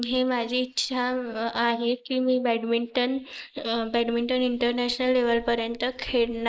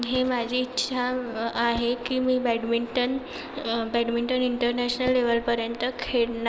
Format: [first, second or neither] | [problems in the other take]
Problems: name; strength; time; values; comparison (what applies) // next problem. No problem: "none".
second | noise reduction (neural mask model Resemble Enhance denoiser)